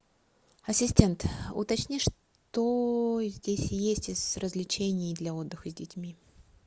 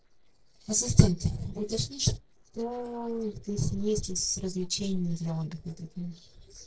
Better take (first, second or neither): first